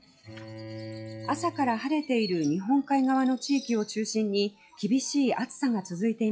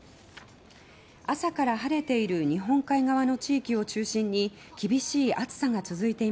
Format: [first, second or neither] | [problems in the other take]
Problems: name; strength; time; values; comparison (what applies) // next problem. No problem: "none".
second | noise reduction (classical method log-MMSE)